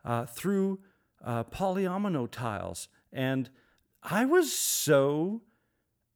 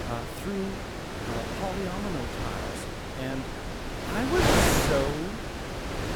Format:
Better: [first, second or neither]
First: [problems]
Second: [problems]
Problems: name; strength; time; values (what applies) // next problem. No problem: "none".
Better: first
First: none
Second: wind noise on the microphone; heavy; 4 dB above the speech